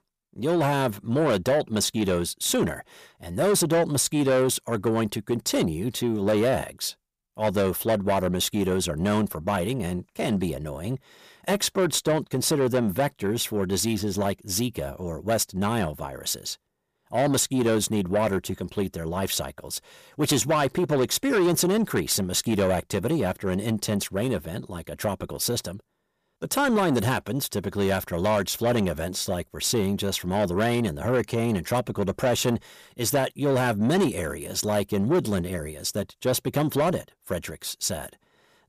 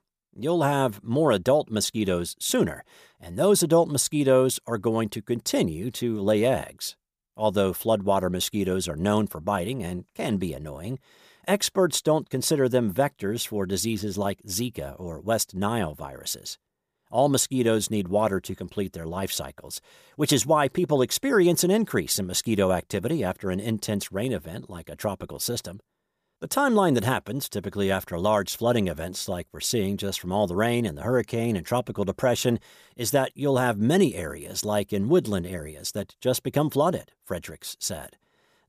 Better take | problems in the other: second | distortion; slight; 10 dB below the speech

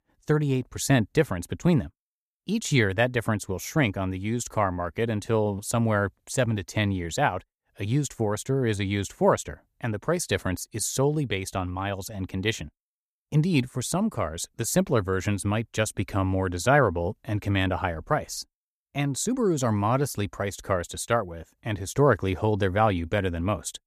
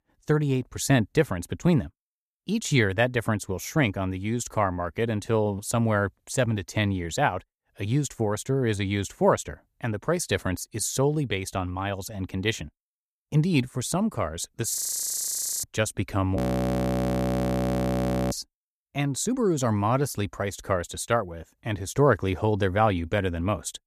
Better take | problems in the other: first | audio freezing; at 15 s for 1 s and at 16 s for 2 s

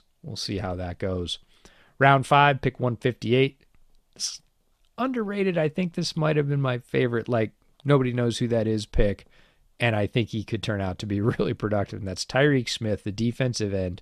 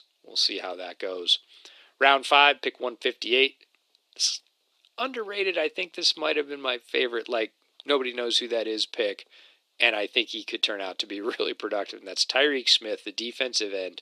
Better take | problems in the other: first | thin; somewhat; fading below 300 Hz

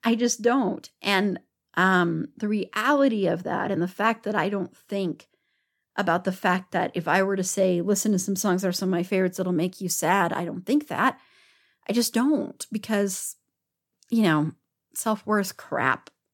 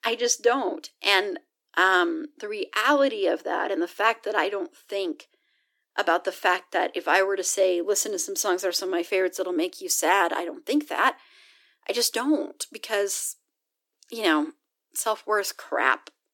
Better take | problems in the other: first | thin; somewhat; fading below 300 Hz

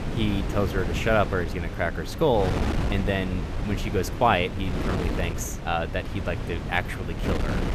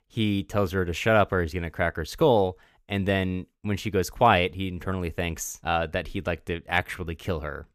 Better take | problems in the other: second | wind noise on the microphone; heavy; 8 dB below the speech

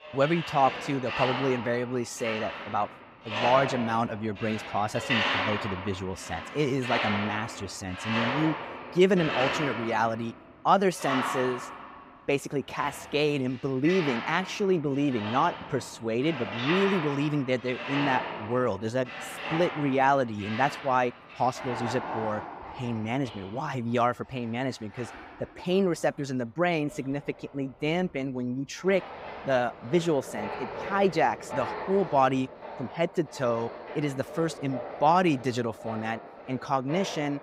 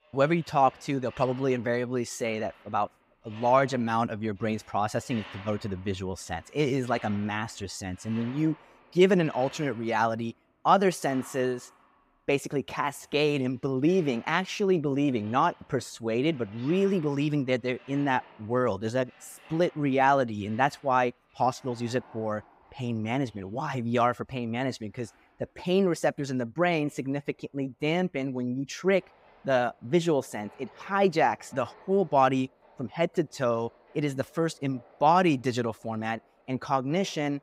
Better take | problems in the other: second | machinery noise; loud; throughout; 6 dB below the speech; faint in the second

